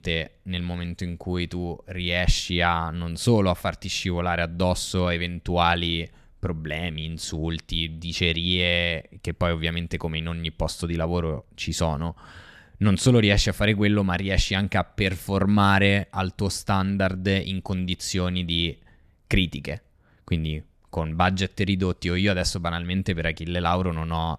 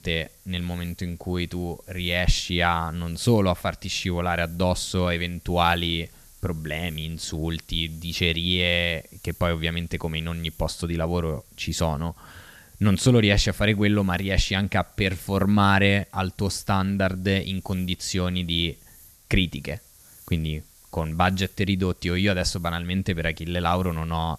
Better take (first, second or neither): first